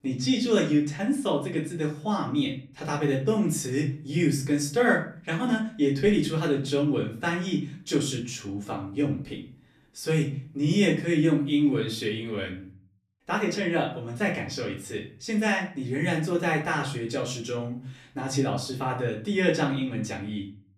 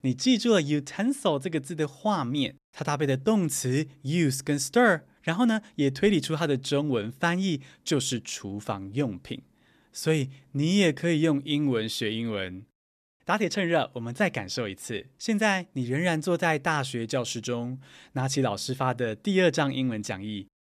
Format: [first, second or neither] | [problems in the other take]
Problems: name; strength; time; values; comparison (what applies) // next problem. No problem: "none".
second | room echo; slight; dies away in 0.4 s // off-mic speech; far